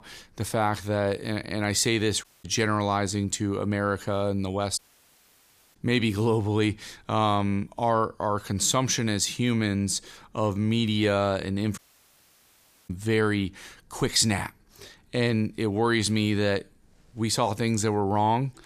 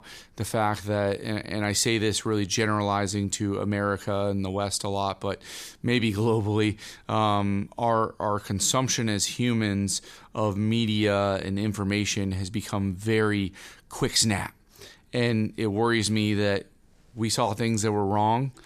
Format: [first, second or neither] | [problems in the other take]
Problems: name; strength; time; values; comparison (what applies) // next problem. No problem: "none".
second | audio cutting out; at 2 s, at 5 s for 1 s and at 12 s for 1 s